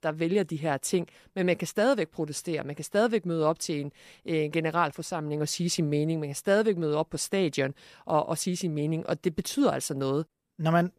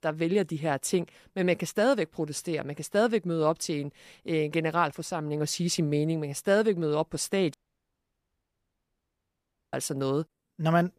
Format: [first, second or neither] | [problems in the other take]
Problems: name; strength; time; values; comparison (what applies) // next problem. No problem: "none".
first | audio cutting out; at 7.5 s for 2 s